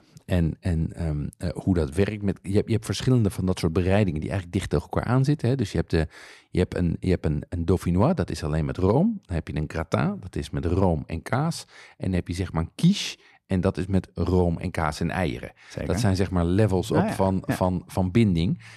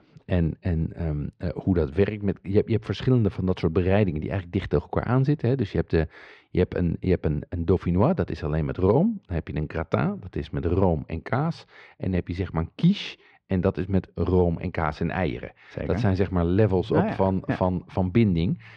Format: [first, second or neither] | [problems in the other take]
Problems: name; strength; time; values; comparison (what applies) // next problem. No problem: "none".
first | muffled; slightly; fading above 3.5 kHz